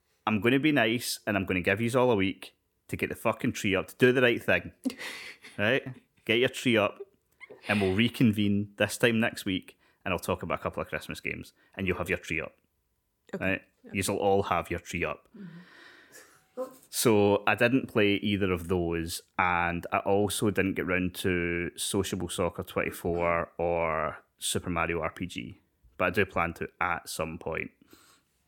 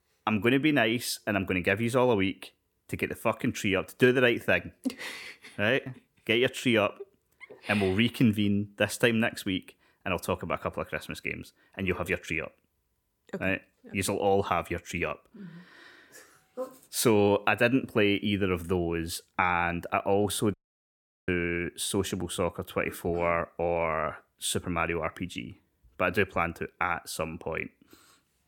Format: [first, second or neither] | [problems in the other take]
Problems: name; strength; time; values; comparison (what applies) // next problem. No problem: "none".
first | audio cutting out; at 21 s for 0.5 s